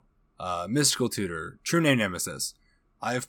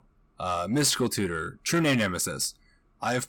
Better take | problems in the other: first | distortion; slight; 10 dB below the speech

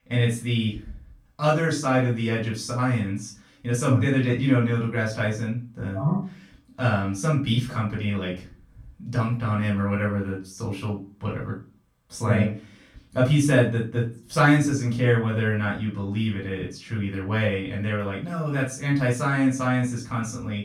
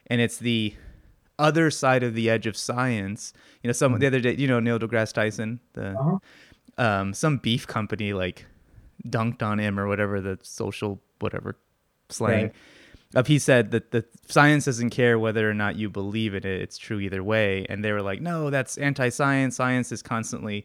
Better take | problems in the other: second | off-mic speech; far // room echo; slight; dies away in 0.3 s

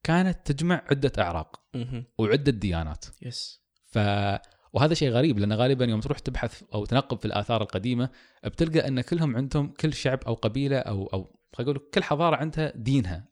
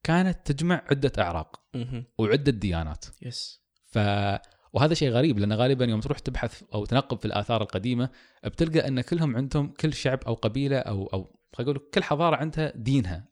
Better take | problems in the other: neither | none

